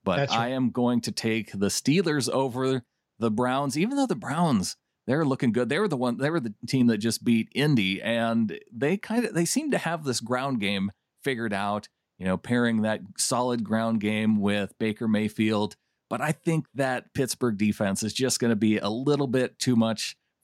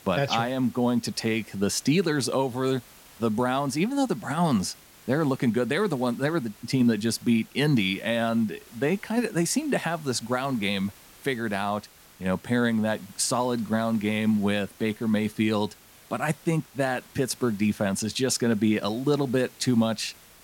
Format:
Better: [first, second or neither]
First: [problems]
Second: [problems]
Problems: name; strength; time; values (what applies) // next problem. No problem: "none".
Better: first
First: none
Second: hiss; faint; throughout; 25 dB below the speech